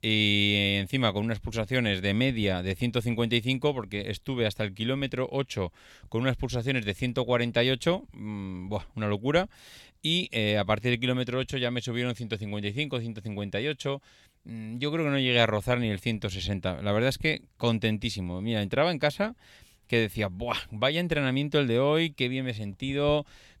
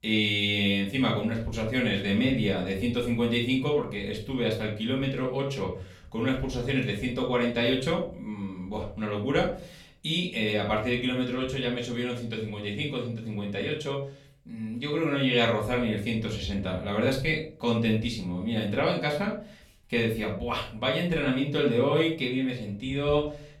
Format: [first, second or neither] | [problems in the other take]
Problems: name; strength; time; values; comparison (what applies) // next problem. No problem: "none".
first | off-mic speech; far // room echo; slight; dies away in 0.4 s